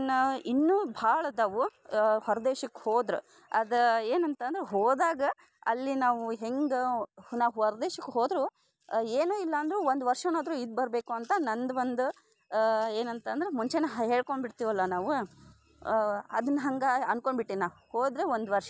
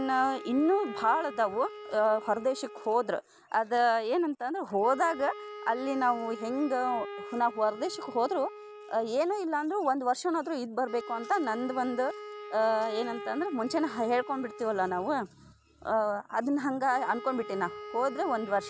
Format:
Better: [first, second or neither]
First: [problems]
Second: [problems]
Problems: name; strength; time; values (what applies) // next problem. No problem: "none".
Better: first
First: none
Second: background sound (Wind instrument, woodwind instrument); 14 dB below the speech